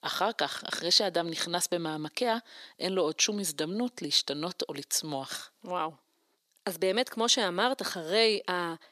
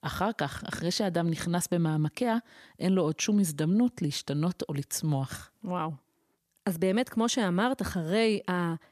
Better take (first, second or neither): second